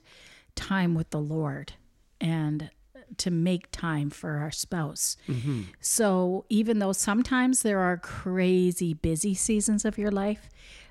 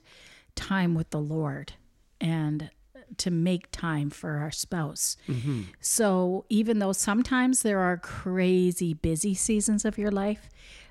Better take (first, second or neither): neither